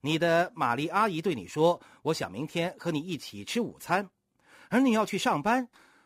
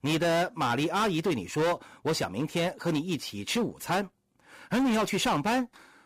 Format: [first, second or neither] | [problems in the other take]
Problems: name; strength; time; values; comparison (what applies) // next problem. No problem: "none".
first | distortion; heavy; 15% of the sound clipped